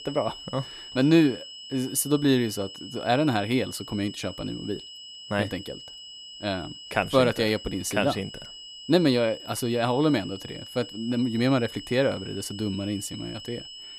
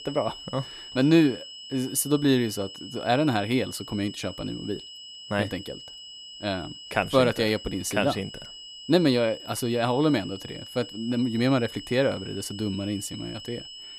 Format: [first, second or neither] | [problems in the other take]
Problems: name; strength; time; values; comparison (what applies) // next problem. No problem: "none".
neither | high-pitched whine; noticeable; throughout; 3 kHz, 15 dB below the speech; the same in both